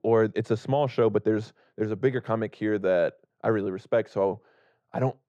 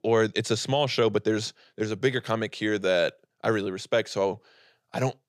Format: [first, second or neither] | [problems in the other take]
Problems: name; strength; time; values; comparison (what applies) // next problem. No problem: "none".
second | muffled; very; fading above 2 kHz